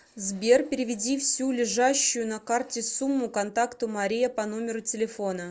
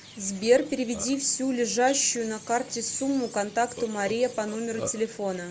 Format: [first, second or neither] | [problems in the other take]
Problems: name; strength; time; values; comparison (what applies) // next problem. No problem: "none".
first | background sound (Chirp, tweet + Burping, eructation); 15 dB below the speech